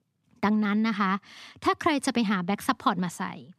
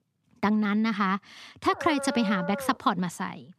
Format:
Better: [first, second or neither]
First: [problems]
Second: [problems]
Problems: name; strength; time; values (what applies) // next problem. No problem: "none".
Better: first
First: none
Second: dog barking; noticeable; from 1.5 to 3 s; peak 8 dB below the speech